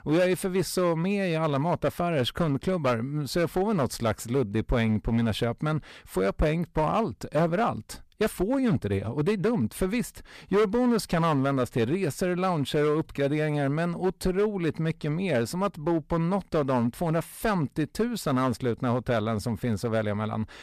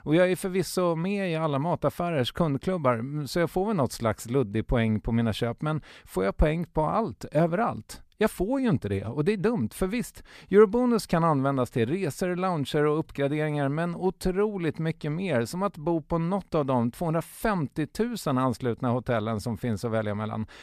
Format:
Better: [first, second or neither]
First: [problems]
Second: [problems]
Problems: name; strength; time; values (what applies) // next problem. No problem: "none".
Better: second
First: distortion; slight; 6% of the sound clipped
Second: none